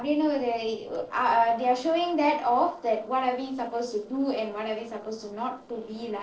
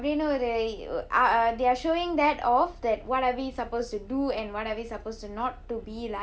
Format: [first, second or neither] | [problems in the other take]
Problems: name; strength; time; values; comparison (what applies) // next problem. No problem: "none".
second | noise reduction (neural separator model SepFormer DNS4)